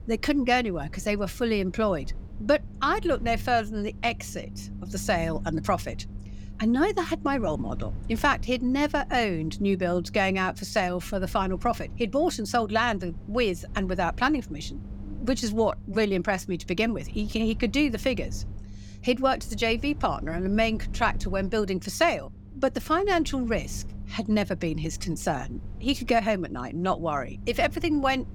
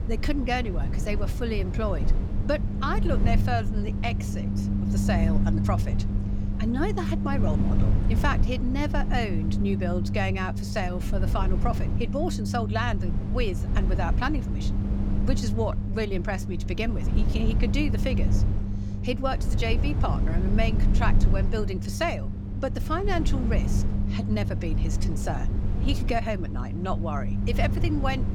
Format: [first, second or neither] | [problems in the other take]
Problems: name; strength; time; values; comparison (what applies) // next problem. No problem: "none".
first | low rumble; loud; throughout; 7 dB below the speech; faint in the first